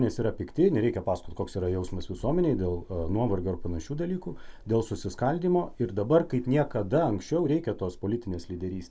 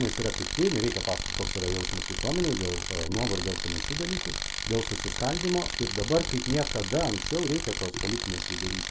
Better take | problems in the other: first | background sound (Tools); 2 dB below the speech

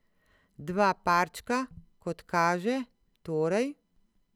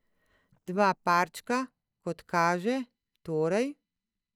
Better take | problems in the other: first | noise reduction (neural mask model DeepFilterNet 3)

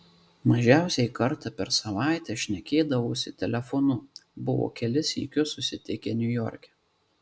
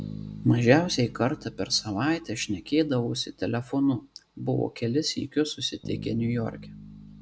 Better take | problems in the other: first | background sound (Bass guitar); 16 dB below the speech

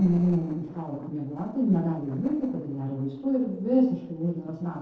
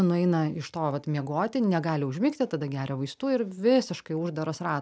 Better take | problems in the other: second | noise reduction (neural separator model SepFormer DNS4)

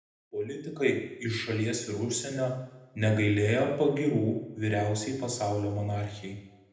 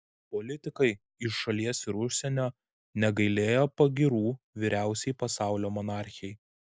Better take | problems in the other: second | room echo; dies away in 0.8 s

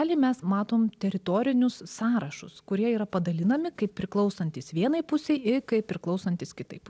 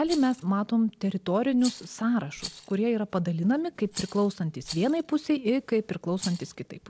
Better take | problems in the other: first | background sound (Rattle); 18 dB below the speech

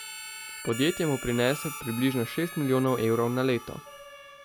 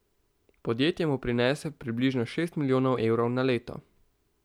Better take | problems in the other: second | background sound (Siren + Harmonica); 13 dB below the speech

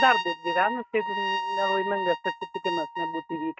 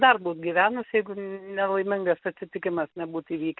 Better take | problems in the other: second | noise reduction (neural mask model RNNoise)

